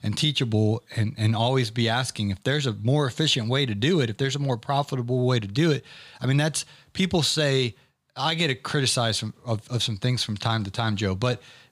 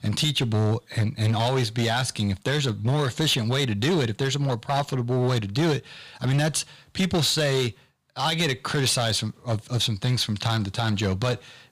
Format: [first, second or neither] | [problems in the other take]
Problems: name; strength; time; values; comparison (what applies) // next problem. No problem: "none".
first | distortion; slight; 10% of the sound clipped